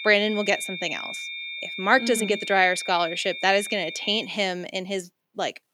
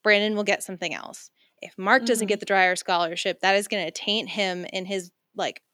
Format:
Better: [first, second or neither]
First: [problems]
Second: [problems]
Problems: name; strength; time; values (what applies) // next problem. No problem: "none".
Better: second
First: high-pitched whine; loud; until 4 s; 2.5 kHz, 8 dB below the speech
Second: none